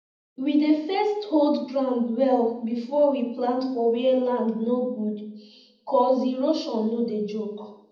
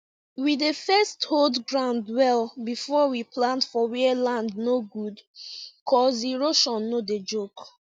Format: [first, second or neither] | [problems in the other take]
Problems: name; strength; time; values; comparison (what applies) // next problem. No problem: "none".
second | room echo; dies away in 0.8 s